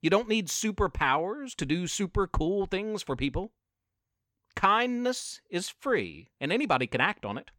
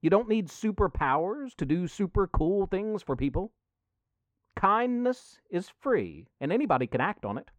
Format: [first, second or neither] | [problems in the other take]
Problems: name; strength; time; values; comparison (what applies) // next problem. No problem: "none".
first | muffled; very; fading above 2 kHz